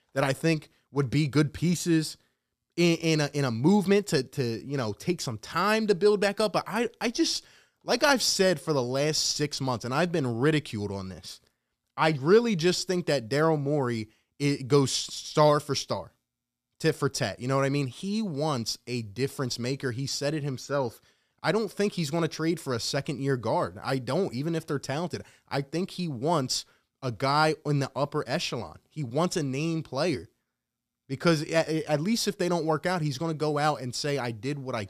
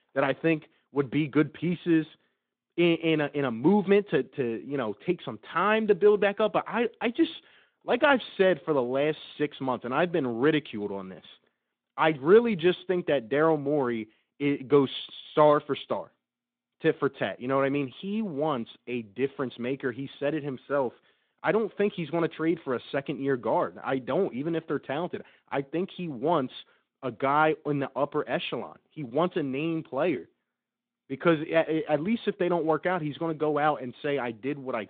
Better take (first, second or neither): first